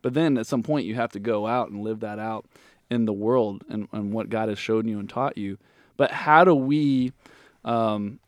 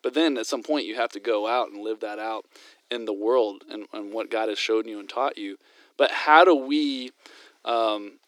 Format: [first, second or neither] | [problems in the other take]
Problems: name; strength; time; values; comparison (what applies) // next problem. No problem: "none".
first | thin; somewhat; fading below 300 Hz